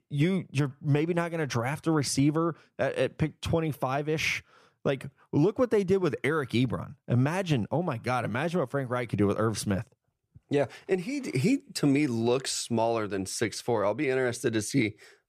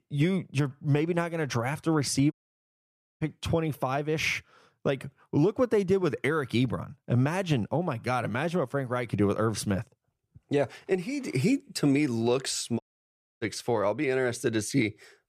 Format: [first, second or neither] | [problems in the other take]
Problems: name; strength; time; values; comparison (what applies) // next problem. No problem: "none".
first | audio cutting out; at 2.5 s for 1 s and at 13 s for 0.5 s